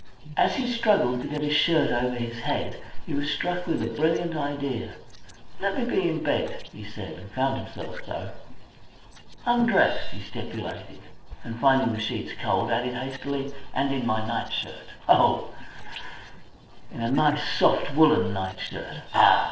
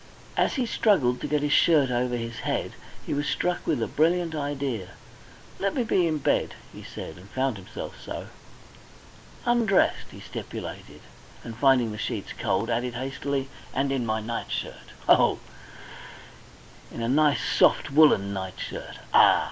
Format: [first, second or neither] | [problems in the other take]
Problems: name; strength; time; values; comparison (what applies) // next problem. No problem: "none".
second | noise reduction (neural separator model SepFormer DNS4)